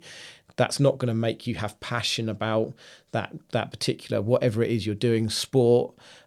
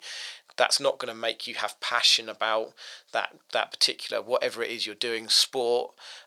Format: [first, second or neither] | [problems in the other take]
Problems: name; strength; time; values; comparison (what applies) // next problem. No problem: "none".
first | thin; very; fading below 850 Hz